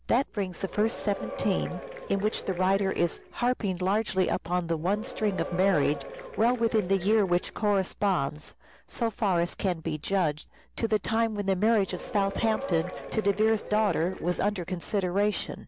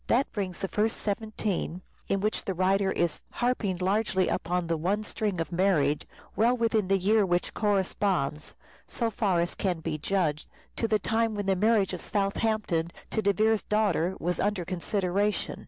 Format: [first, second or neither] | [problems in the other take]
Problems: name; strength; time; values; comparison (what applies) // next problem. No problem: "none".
second | background sound (Applause / Crowd / Cheering); 12 dB below the speech